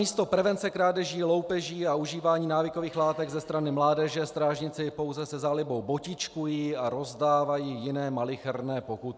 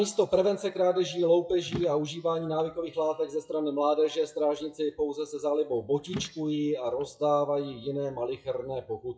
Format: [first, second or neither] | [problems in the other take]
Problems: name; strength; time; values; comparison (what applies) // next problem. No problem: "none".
first | noise reduction (classical method WPE with log-MMSE)